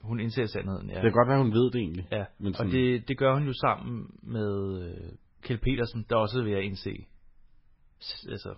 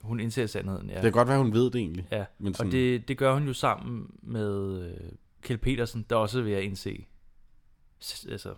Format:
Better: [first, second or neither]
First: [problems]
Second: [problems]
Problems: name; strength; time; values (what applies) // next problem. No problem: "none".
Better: second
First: garbled, watery; badly; nothing above 5 kHz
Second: none